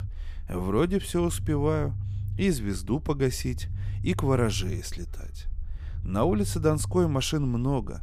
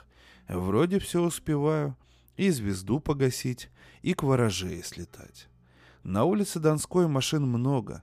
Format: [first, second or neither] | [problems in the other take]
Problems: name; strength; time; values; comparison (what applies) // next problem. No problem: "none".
second | low rumble; faint; throughout; 20 dB below the speech